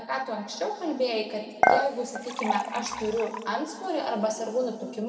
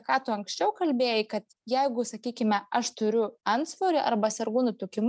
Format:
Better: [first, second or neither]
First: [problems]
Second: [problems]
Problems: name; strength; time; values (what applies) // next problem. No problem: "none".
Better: second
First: background sound (Dishes, pots, and pans / Chink, clink); 2 dB above the speech // room echo; dies away in 1.9 s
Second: none